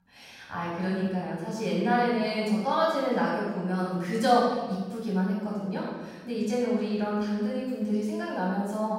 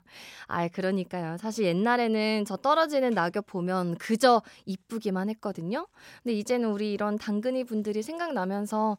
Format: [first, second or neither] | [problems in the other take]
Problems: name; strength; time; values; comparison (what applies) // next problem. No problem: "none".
second | off-mic speech; far // room echo; strong; dies away in 1.5 s